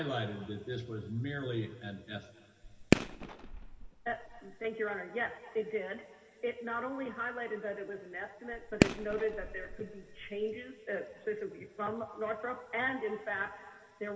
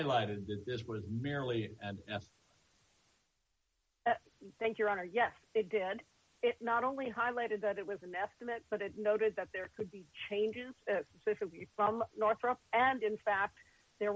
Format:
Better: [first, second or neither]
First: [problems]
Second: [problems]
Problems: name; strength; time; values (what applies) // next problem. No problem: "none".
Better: second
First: background sound (Fireworks); 3 dB above the speech // room echo; dies away in 2.2 s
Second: none